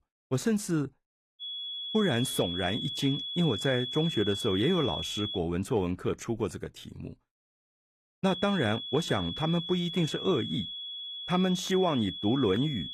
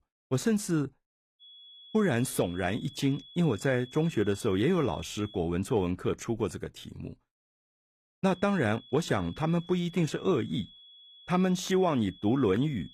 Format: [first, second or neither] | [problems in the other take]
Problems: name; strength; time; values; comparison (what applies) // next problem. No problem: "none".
second | high-pitched whine; loud; from 1.5 to 5.5 s and from 8.5 s on; 3.5 kHz, 5 dB below the speech; faint in the second